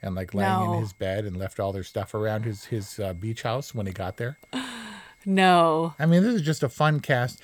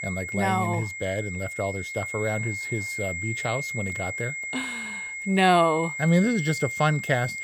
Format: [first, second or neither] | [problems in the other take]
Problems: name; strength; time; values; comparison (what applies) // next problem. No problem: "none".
first | high-pitched whine; loud; throughout; 2 kHz, 5 dB below the speech; faint in the first